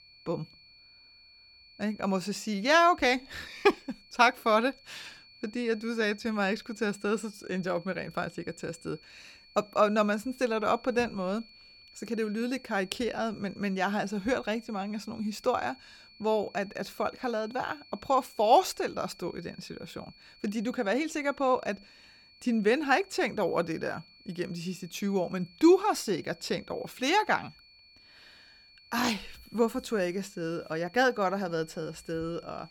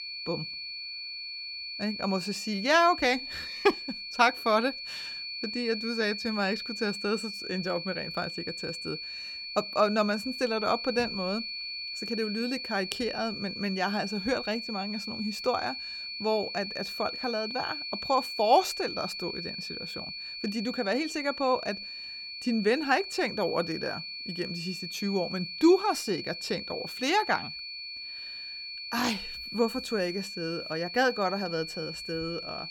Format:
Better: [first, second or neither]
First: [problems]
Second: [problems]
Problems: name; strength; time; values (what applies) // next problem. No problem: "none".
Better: first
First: high-pitched whine; faint; throughout; 4.5 kHz, 25 dB below the speech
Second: high-pitched whine; loud; throughout; 4.5 kHz, 6 dB below the speech